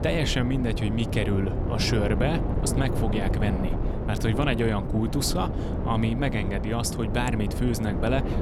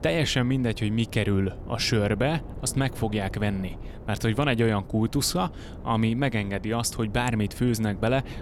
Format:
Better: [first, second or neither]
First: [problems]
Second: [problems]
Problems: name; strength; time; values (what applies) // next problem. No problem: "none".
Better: second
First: wind noise on the microphone; heavy; 5 dB below the speech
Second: wind noise on the microphone; occasional gusts; 20 dB below the speech